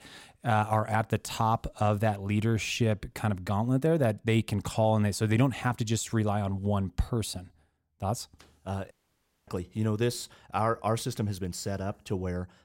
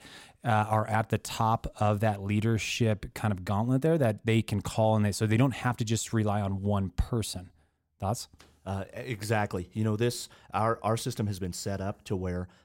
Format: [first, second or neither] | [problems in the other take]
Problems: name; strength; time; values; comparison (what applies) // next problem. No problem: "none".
second | audio cutting out; at 9 s for 0.5 s